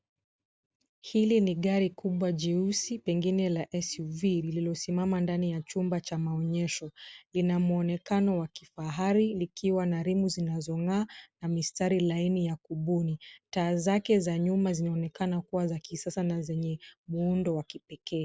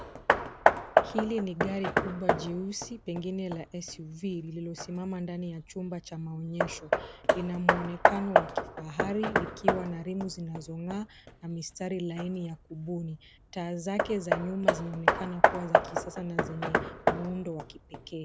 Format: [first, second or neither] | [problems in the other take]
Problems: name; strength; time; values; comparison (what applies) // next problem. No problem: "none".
first | background sound (Hammer); 5 dB above the speech